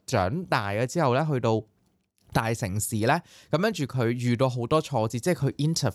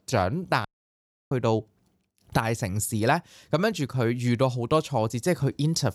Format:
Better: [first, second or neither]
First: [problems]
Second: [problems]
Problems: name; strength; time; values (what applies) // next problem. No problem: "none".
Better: first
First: none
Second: audio cutting out; at 0.5 s for 0.5 s